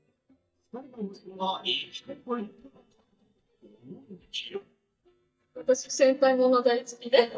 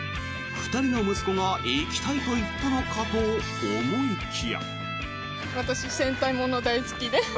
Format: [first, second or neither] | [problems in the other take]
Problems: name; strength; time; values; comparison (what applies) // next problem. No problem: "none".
second | noise reduction (neural mask model DeepFilterNet 3)